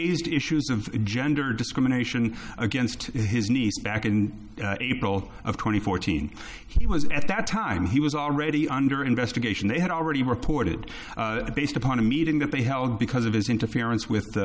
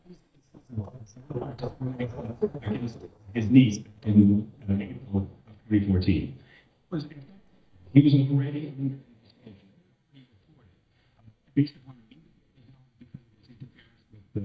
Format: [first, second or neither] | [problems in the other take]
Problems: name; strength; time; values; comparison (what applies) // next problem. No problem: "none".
first | noise reduction (neural mask model DeepFilterNet 3)